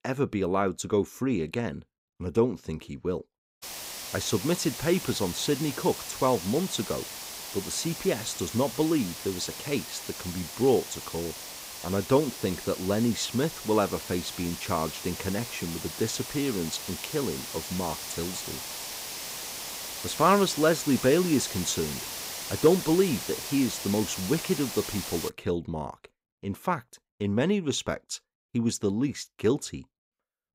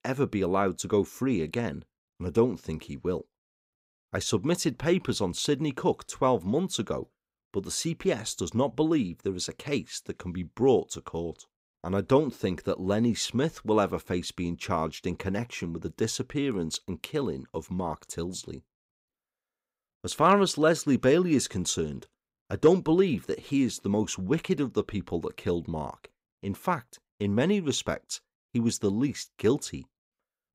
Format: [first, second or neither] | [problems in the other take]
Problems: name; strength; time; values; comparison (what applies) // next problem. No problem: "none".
second | hiss; loud; from 3.5 to 25 s; 7 dB below the speech